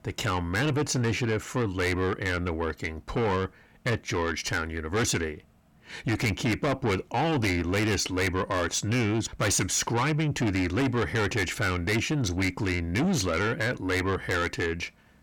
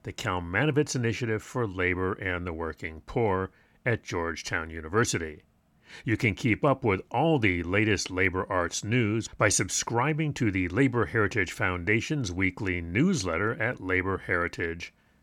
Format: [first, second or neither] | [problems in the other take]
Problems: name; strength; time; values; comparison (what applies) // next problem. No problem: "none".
second | distortion; heavy; 6 dB below the speech